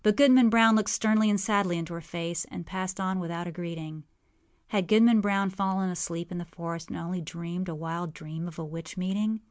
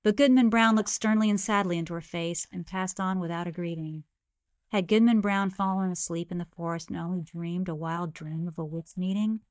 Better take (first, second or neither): first